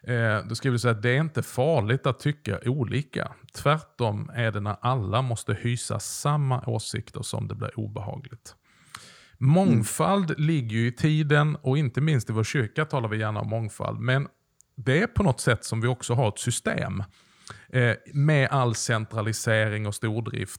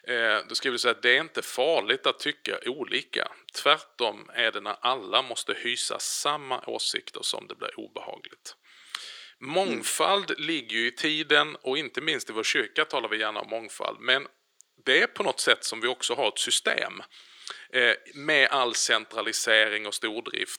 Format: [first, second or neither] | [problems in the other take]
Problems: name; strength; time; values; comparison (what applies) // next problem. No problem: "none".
first | thin; very; fading below 350 Hz